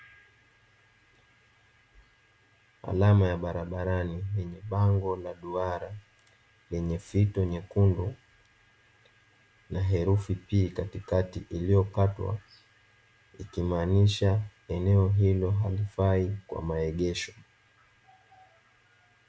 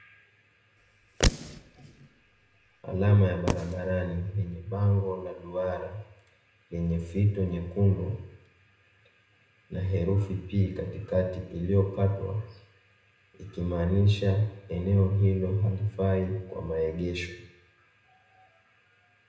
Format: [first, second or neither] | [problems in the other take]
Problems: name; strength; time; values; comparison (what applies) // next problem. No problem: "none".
first | background sound (Fireworks); 5 dB below the speech // room echo; dies away in 0.8 s